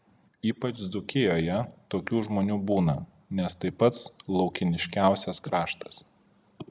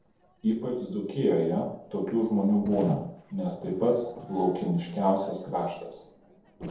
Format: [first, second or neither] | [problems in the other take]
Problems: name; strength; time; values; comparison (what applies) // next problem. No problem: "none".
first | noise reduction (neural separator model SepFormer DNS4)